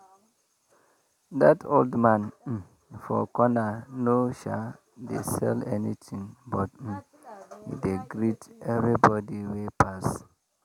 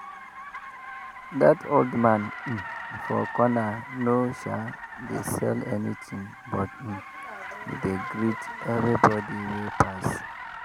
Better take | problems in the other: first | background sound (Car); 11 dB below the speech

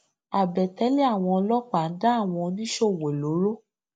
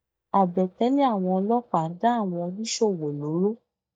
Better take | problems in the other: first | noise reduction (neural mask model DeepFilterNet 3)

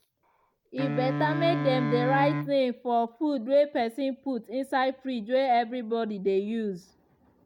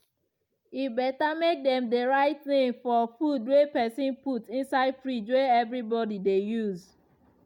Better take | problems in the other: second | background sound (Wind instrument, woodwind instrument); 3 dB below the speech

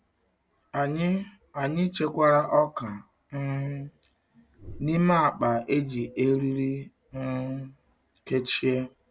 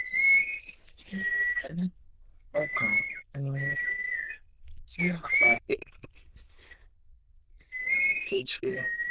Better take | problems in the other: first | noise reduction (neural diffusion model UNIVERSE++)

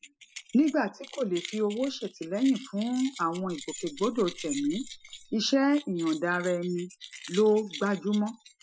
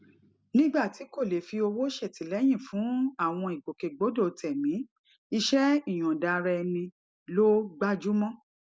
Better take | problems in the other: second | noise reduction (classical method Wiener filter)

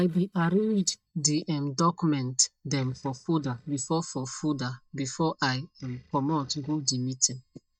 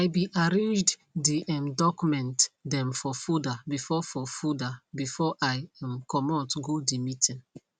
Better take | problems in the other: second | noise reduction (neural mask model DeepFilterNet 3)

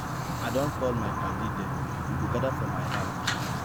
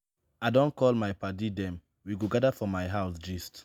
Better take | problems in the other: second | background sound (Fire); 4 dB above the speech

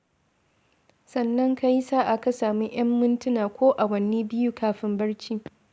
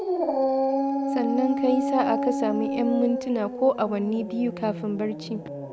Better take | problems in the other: first | background sound (Dog); 1 dB below the speech

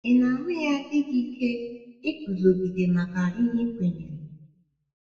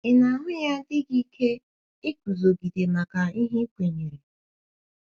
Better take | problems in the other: second | room echo; dies away in 0.9 s

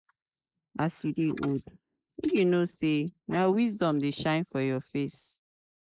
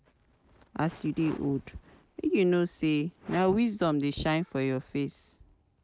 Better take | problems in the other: second | noise reduction (neural mask model Resemble Enhance denoiser)

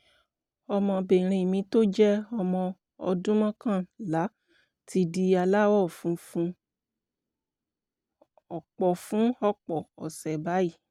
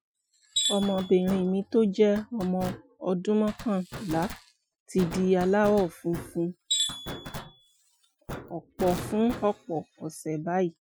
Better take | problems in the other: first | noise reduction (classical method Wiener filter)

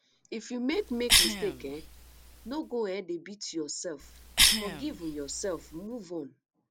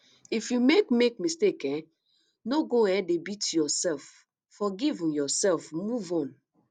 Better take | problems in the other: second | background sound (Cough); 4 dB above the speech

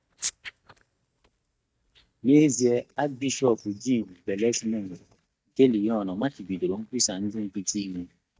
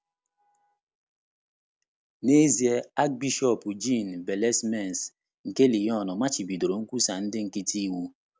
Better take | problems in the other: second | noise reduction (neural mask model DeepFilterNet 3)

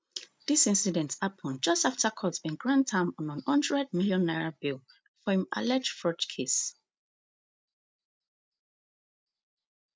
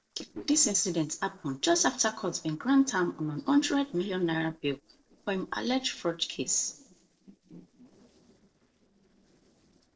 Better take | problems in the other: first | noise reduction (neural separator model SepFormer DNS4)

